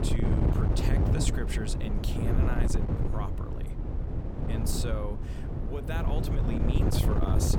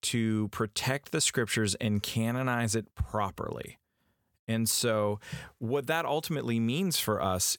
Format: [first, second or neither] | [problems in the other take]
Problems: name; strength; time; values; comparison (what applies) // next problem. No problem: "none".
second | wind noise on the microphone; heavy; 1 dB above the speech